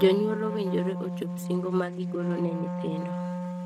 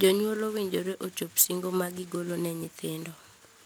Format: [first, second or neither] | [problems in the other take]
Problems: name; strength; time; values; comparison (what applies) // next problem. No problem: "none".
second | noise reduction (neural mask model RNNoise)